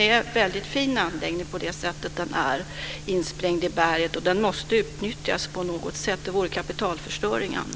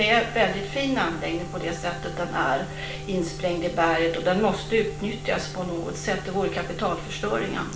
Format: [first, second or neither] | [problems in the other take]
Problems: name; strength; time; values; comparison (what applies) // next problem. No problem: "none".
first | background sound (Wind instrument, woodwind instrument); 18 dB below the speech // room echo; dies away in 0.4 s